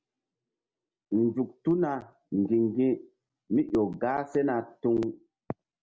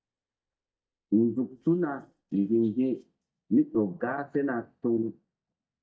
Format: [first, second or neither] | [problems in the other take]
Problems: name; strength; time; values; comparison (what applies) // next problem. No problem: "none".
first | noise reduction (neural mask model DeepFilterNet 3)